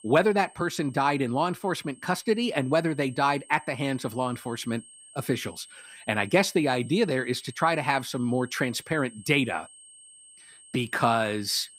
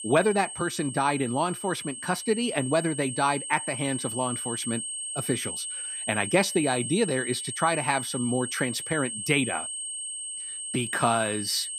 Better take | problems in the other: first | high-pitched whine; loud; throughout; 8.5 kHz, 5 dB below the speech; faint in the first

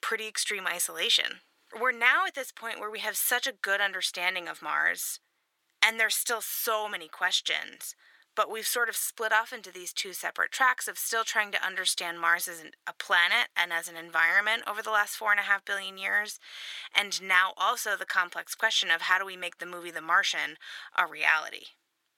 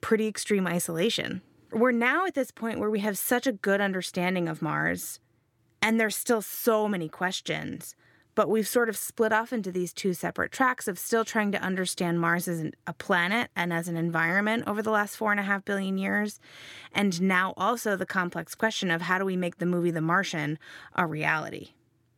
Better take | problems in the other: second | thin; very; fading below 1 kHz

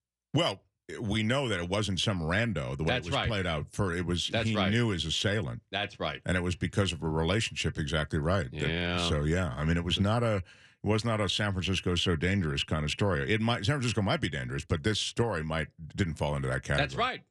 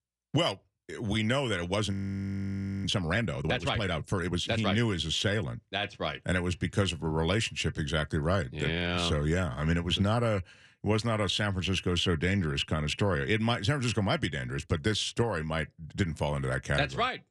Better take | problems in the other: first | audio freezing; at 2 s for 1 s

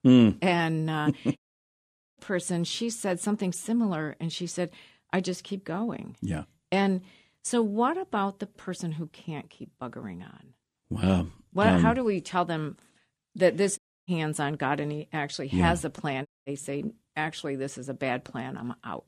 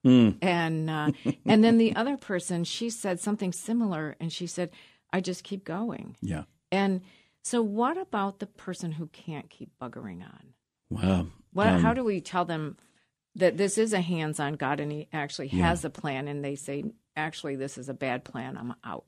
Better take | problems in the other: second | audio cutting out; at 1.5 s for 1 s, at 14 s and at 16 s

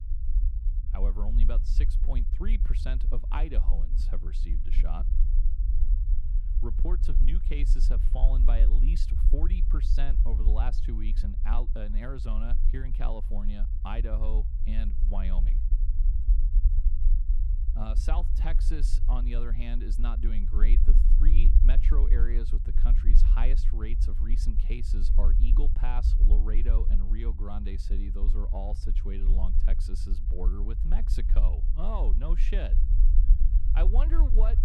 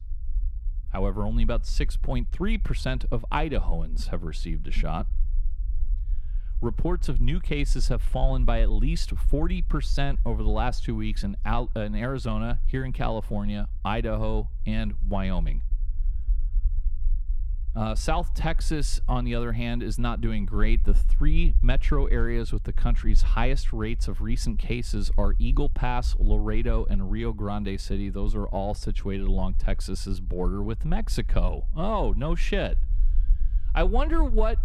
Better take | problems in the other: second | low rumble; loud; throughout; 8 dB below the speech; faint in the second

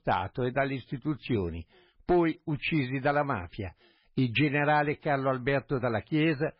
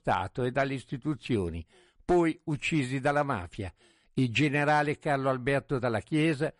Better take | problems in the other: second | garbled, watery; badly; slightly in the second

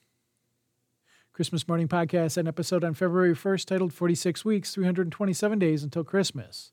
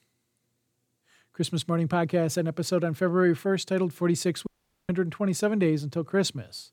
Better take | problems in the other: first | audio cutting out; at 4.5 s

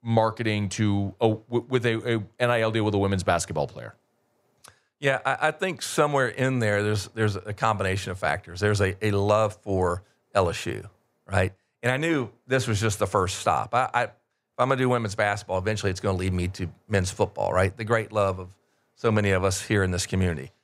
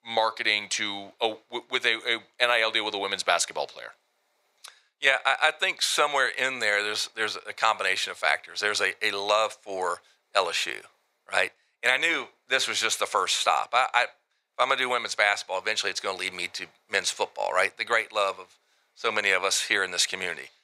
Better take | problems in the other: first | thin; very; fading below 700 Hz

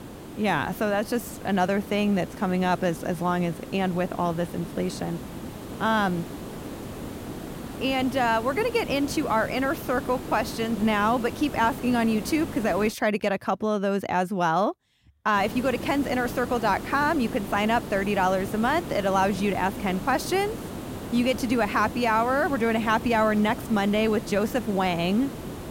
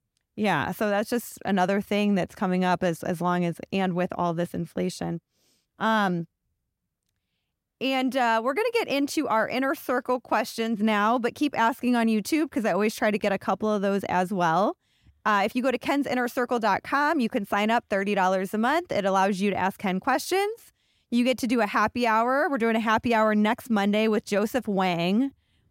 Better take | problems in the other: second | hiss; noticeable; until 13 s and from 15 s on; 10 dB below the speech

